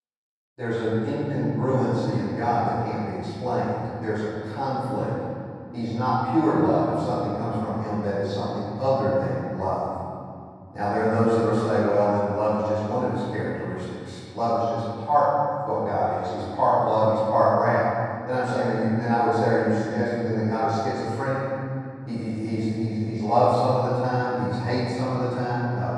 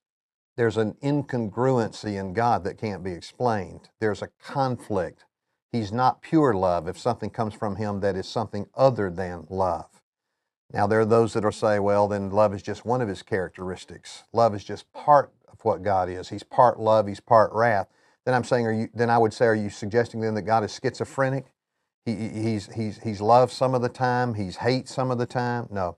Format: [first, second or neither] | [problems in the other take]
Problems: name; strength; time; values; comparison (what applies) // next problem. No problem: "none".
second | off-mic speech; far // room echo; strong; dies away in 2.6 s